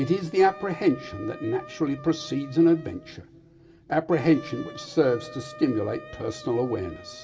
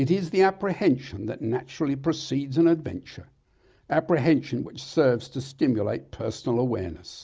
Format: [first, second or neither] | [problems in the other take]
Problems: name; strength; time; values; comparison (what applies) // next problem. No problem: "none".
second | background sound (Wind instrument, woodwind instrument); 18 dB below the speech // room echo; dies away in 2.3 s